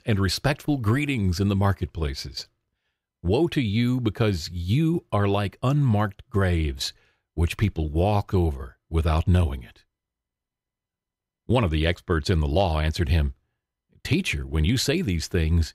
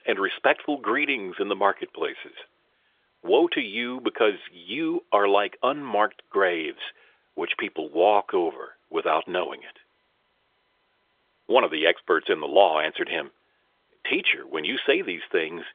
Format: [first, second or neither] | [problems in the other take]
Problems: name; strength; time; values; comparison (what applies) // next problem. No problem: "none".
first | phone-call audio; nothing above 3.5 kHz